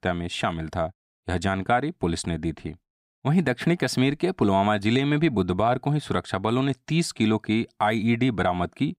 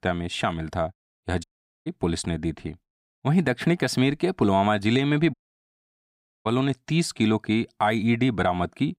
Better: first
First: none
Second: audio cutting out; at 1.5 s and at 5.5 s for 1 s

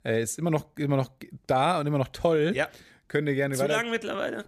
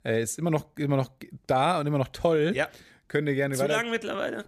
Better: neither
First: none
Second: none

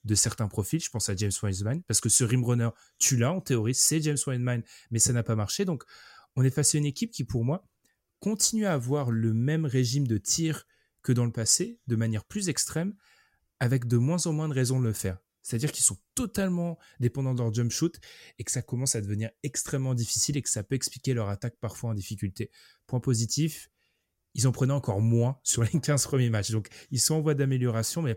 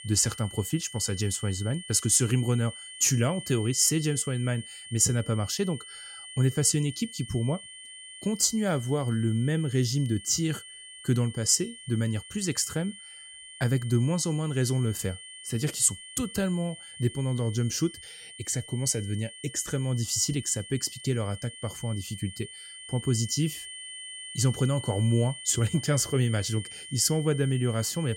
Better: first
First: none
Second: high-pitched whine; noticeable; throughout; 3 kHz, 15 dB below the speech

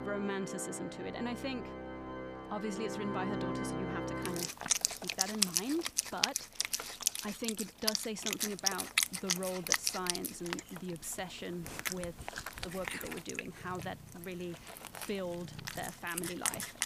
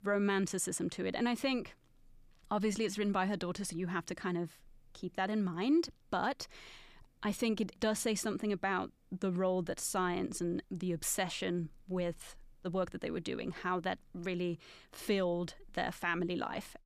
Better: second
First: background music; very loud; throughout; 5 dB above the speech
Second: none

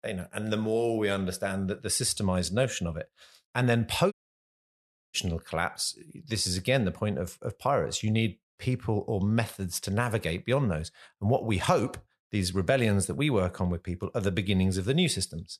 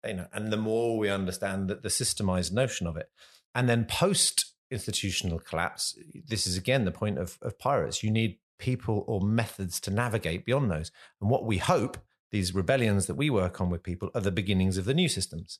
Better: second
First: audio cutting out; at 4 s for 1 s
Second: none

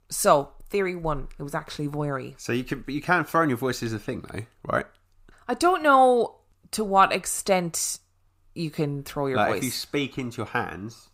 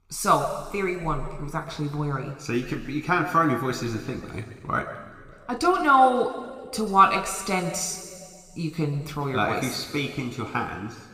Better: first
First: none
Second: room echo; slight; dies away in 2 s

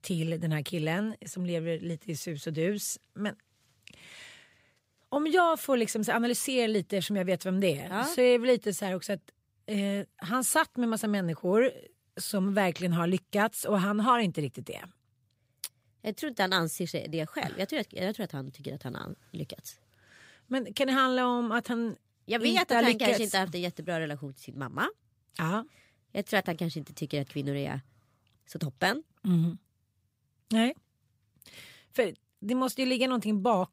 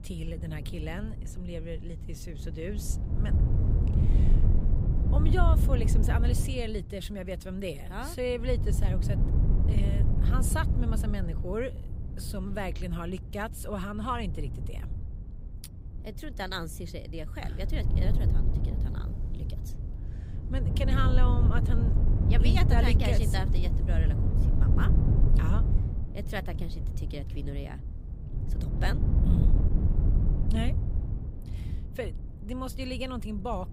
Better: first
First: none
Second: wind noise on the microphone; heavy; 5 dB below the speech

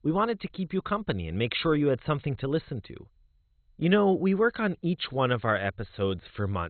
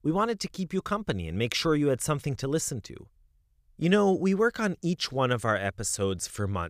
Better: second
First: garbled, watery; badly; nothing above 4 kHz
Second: none

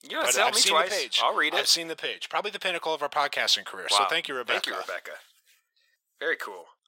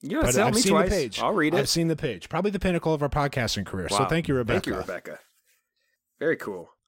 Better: second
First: thin; very; fading below 800 Hz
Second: none

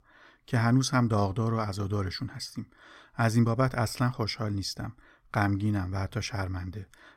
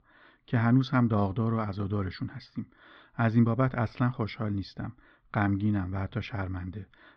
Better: first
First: none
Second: muffled; slightly; fading above 4 kHz

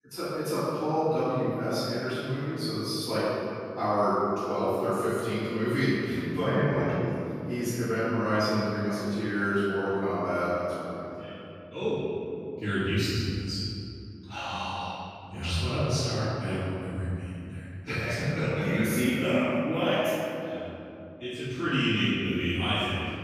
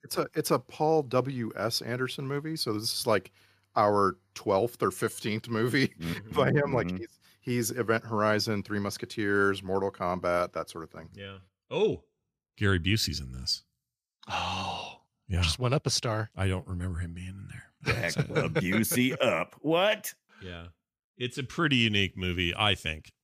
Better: second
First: off-mic speech; far // room echo; strong; dies away in 2.7 s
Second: none

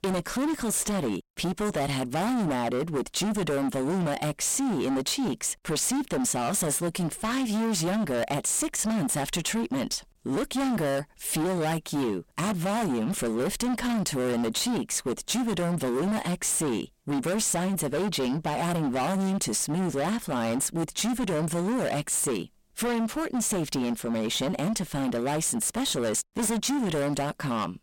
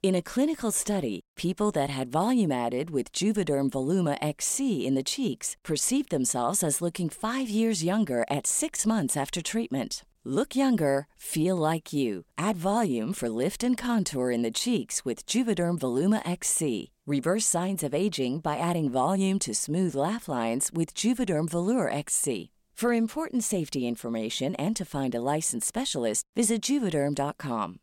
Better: second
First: distortion; heavy; 34% of the sound clipped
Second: none

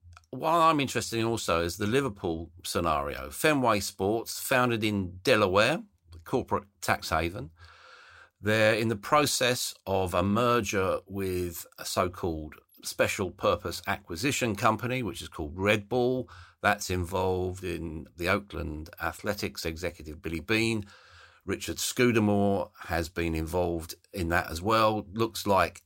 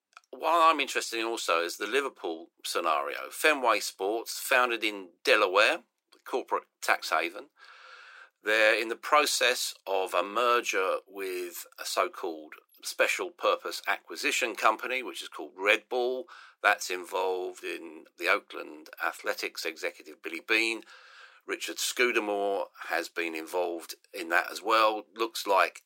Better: first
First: none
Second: thin; very; fading below 350 Hz

